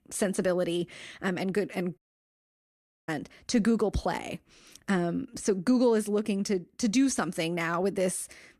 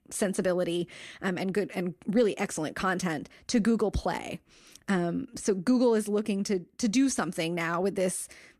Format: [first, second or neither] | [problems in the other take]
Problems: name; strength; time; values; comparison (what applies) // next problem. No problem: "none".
second | audio cutting out; at 2 s for 1 s